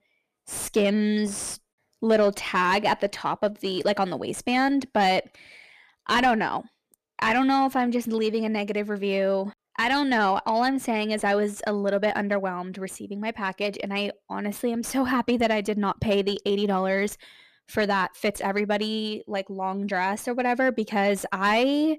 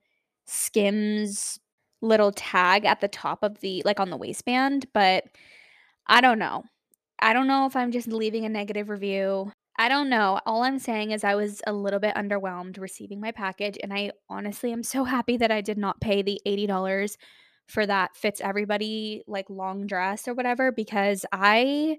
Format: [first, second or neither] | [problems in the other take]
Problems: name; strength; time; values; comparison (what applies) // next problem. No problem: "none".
second | distortion; slight; 10 dB below the speech